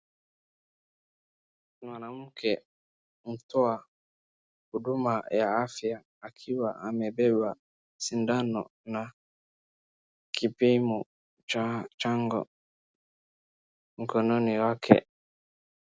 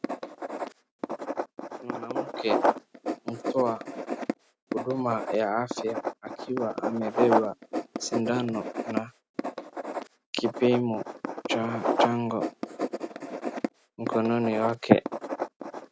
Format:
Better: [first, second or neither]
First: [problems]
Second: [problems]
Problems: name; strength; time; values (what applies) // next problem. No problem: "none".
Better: first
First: none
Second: background sound (Writing); 2 dB below the speech